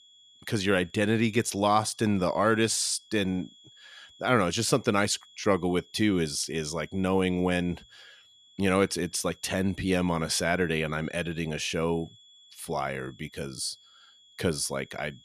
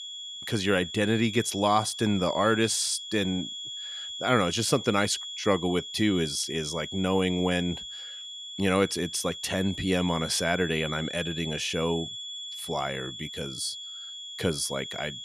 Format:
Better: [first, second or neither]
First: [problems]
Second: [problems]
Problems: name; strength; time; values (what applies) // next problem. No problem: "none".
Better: first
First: high-pitched whine; faint; throughout; 3.5 kHz, 25 dB below the speech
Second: high-pitched whine; loud; throughout; 3.5 kHz, 8 dB below the speech